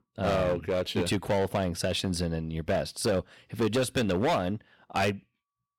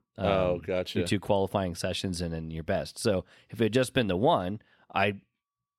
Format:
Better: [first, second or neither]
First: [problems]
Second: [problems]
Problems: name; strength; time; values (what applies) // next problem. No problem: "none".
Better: second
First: distortion; heavy; 11% of the sound clipped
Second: none